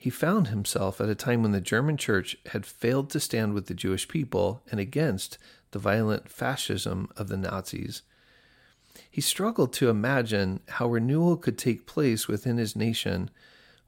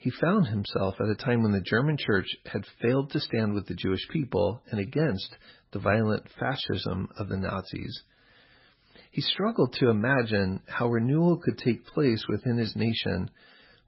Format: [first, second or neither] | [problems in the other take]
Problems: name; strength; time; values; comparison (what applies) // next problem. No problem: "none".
first | garbled, watery; badly; nothing above 5.5 kHz